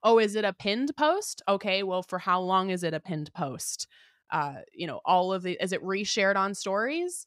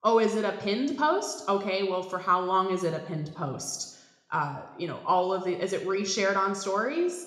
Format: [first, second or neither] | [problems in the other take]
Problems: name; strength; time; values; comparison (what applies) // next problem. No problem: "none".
first | room echo; slight; dies away in 0.7 s // off-mic speech; somewhat distant